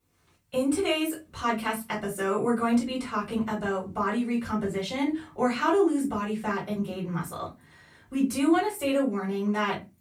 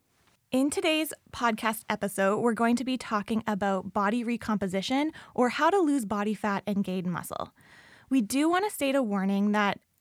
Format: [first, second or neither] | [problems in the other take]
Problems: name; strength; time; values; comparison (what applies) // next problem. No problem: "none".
second | off-mic speech; far // room echo; very slight; dies away in 0.2 s